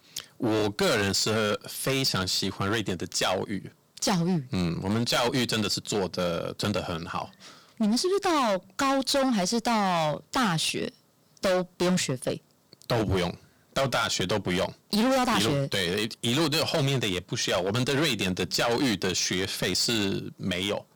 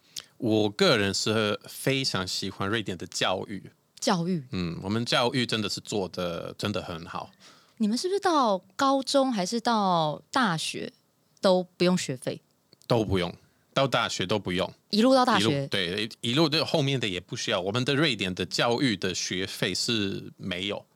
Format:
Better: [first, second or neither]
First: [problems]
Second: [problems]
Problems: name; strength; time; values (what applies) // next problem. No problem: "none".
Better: second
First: distortion; heavy; 15% of the sound clipped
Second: none